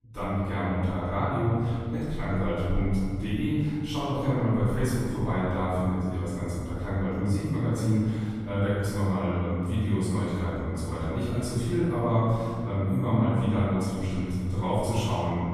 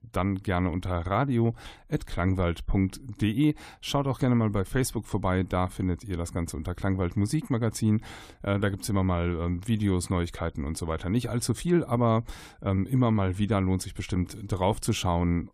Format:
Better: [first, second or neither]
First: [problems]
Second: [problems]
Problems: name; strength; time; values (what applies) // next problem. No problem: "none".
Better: second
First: room echo; strong; dies away in 2.2 s // off-mic speech; far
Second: none